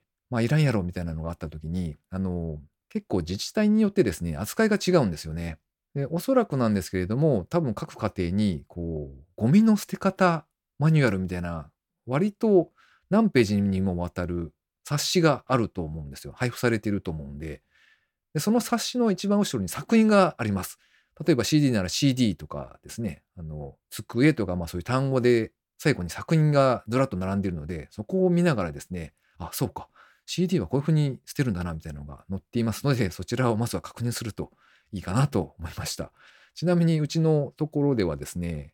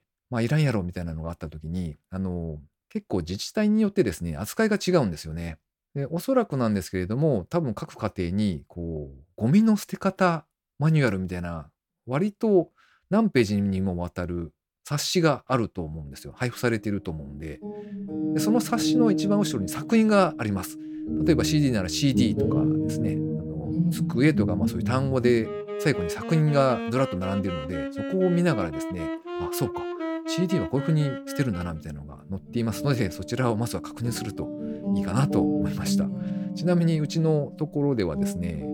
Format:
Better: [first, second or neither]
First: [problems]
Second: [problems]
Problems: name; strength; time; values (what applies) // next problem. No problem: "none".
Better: first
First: none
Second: background music; loud; from 17 s on; 4 dB below the speech